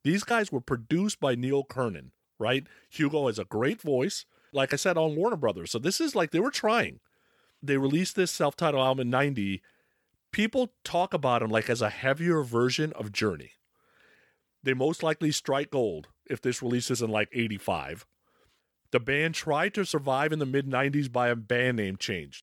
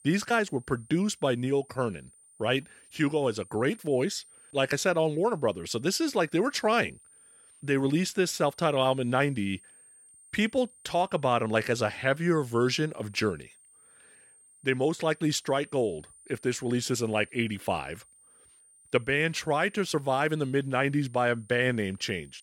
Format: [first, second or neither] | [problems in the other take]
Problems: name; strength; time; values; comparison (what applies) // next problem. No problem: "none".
first | high-pitched whine; faint; throughout; 9 kHz, 25 dB below the speech